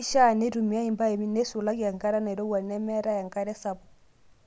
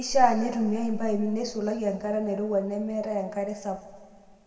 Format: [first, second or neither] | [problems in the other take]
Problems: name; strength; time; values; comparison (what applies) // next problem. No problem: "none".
first | room echo; dies away in 1.7 s